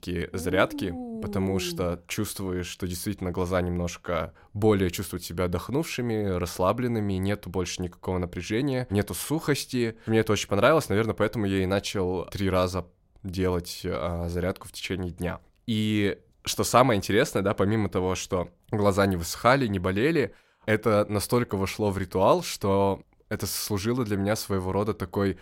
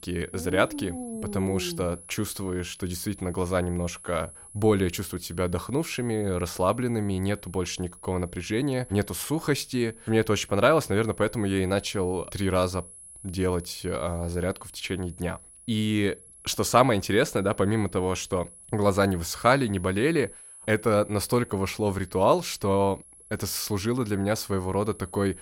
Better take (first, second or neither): first